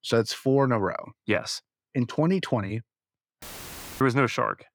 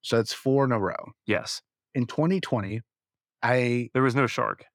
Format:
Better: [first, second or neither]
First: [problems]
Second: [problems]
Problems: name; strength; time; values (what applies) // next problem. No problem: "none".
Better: second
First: audio cutting out; filled with static; at 3.5 s for 0.5 s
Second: none